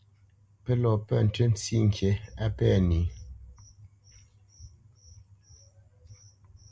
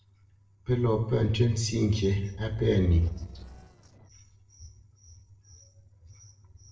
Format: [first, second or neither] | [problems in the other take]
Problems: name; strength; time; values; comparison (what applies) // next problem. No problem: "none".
first | noise reduction (neural separator model SepFormer DNS4)